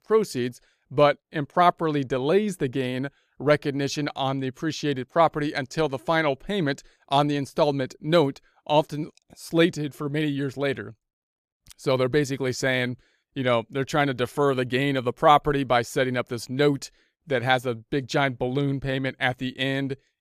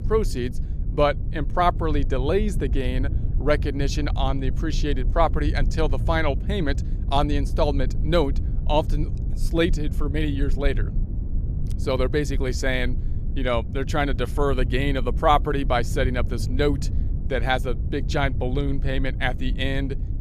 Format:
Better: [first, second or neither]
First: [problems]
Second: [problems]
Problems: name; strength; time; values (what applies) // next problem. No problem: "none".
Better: first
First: none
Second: low rumble; noticeable; throughout; 15 dB below the speech